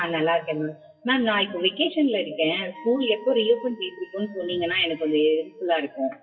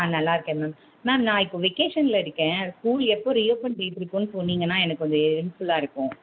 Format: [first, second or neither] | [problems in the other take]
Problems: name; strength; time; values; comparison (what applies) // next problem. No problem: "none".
second | noise reduction (classical method WPE with log-MMSE)